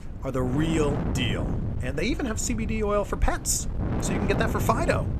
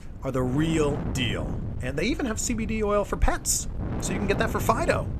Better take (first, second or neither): second